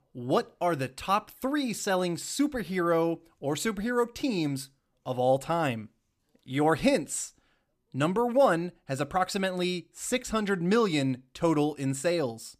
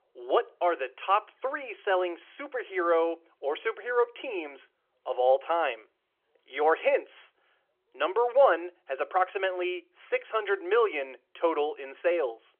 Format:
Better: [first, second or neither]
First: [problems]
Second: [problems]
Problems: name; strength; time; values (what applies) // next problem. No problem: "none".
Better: first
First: none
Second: phone-call audio